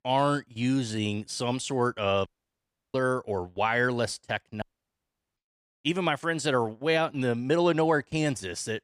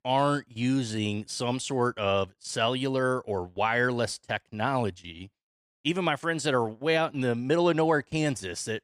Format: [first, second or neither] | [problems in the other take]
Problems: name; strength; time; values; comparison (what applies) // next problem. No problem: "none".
second | audio cutting out; at 2.5 s for 0.5 s and at 4.5 s for 1 s